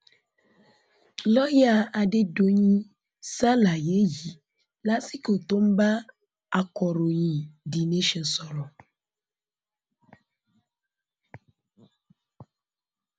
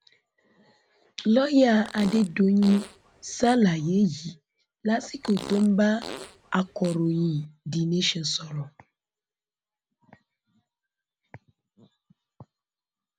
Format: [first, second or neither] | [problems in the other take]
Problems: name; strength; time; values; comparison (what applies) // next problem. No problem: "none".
first | background sound (Fart); 16 dB below the speech